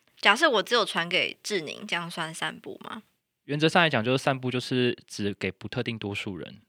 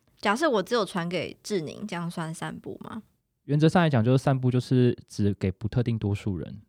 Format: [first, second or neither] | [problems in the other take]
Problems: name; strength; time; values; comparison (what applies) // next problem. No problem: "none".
second | thin; somewhat; fading below 450 Hz